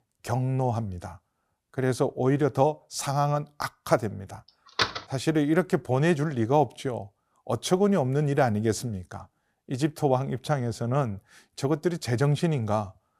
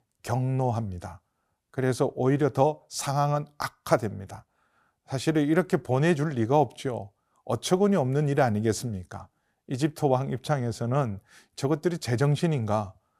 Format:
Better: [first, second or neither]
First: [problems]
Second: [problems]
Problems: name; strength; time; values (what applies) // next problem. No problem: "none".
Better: second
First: door banging; noticeable; at 5 s; peak 1 dB below the speech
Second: none